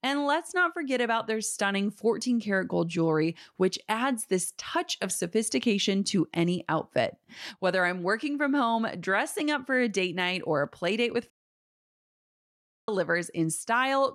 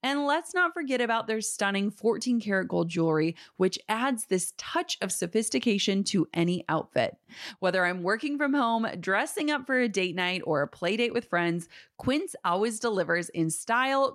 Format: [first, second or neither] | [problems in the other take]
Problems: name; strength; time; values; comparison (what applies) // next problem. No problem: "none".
second | audio cutting out; at 11 s for 1.5 s